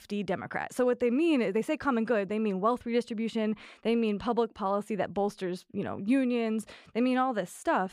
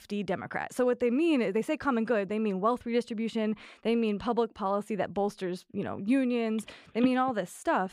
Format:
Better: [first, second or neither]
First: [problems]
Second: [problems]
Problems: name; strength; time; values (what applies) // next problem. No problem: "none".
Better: first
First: none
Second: phone ringing; noticeable; at 7 s; peak 5 dB below the speech